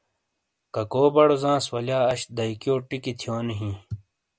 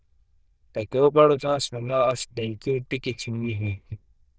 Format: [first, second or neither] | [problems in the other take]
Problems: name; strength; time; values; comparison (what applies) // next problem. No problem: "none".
first | noise reduction (neural diffusion model UNIVERSE++)